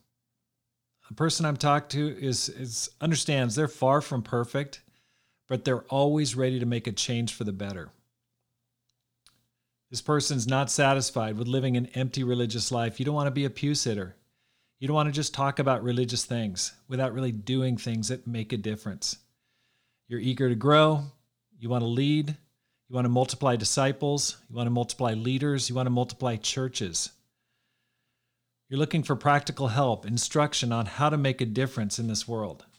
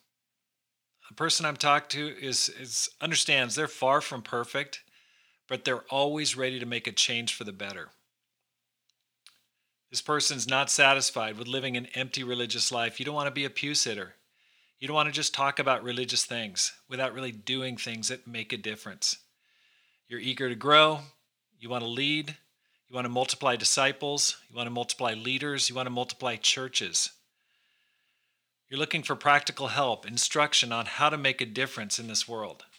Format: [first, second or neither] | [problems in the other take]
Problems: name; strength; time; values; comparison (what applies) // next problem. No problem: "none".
first | thin; somewhat; fading below 750 Hz